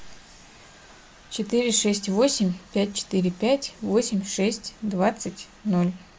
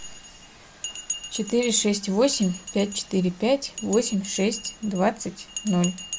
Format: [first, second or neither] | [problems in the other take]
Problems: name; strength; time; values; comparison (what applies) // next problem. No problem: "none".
first | background sound (Bell); 13 dB below the speech